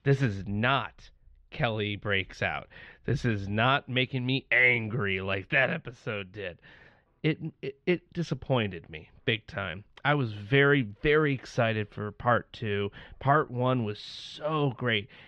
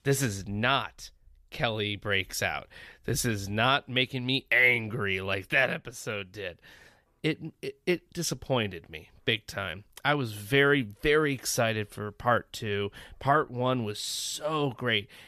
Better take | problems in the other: second | muffled; slightly; fading above 3 kHz

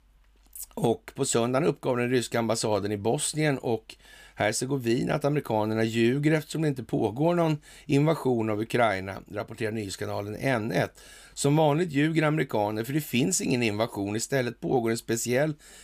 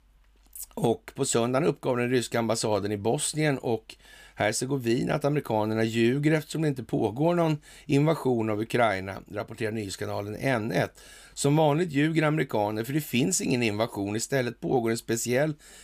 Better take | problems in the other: neither | none

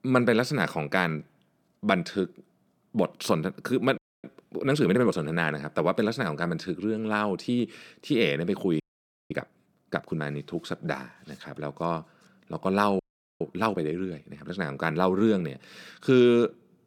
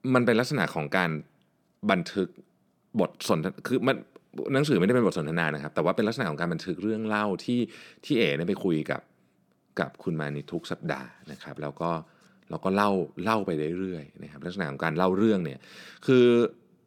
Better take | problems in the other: second | audio freezing; at 4 s, at 9 s for 0.5 s and at 13 s

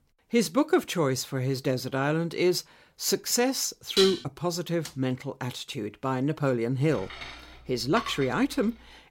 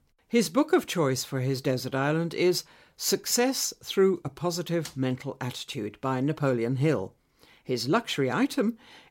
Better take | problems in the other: second | clattering dishes; loud; at 4 s; peak 1 dB above the speech // clattering dishes; noticeable; from 7 s on; peak 8 dB below the speech

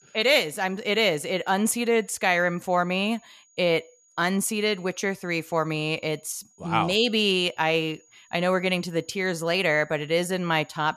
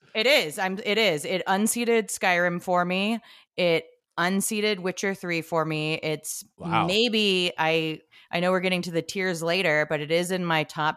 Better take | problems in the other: second | high-pitched whine; faint; throughout; 6.5 kHz, 35 dB below the speech

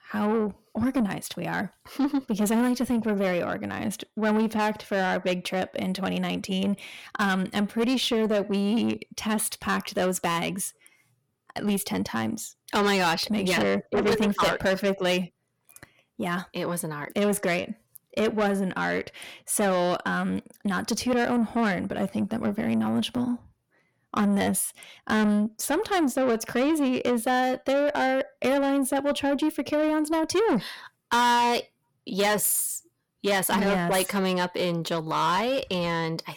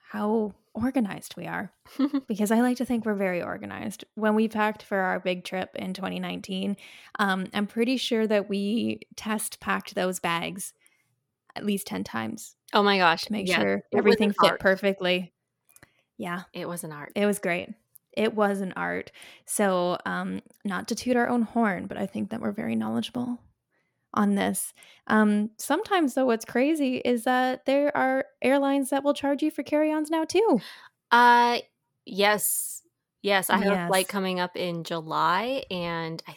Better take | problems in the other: second | distortion; heavy; 8 dB below the speech

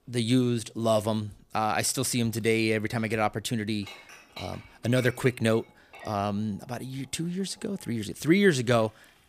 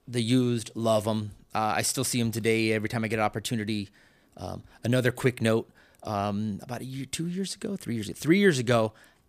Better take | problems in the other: second | household noises; faint; from 3 s on; 20 dB below the speech

